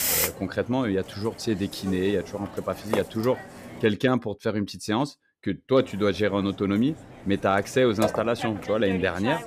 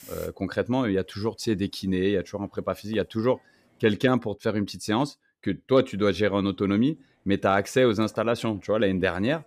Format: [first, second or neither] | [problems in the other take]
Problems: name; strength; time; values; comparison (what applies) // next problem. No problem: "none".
second | hiss; loud; until 4 s and from 6 s on; 6 dB below the speech; faint in the second